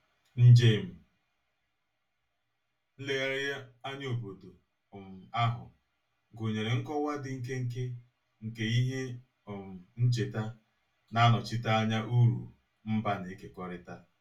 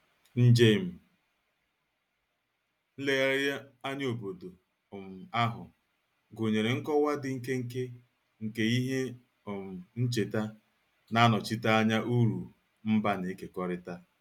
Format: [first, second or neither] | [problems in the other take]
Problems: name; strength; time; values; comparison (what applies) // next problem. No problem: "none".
second | room echo; dies away in 0.2 s